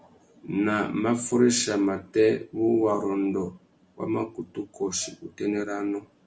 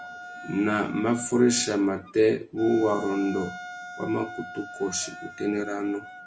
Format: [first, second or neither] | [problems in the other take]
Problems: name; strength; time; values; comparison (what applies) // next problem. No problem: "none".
first | background sound (Wind instrument, woodwind instrument); 14 dB below the speech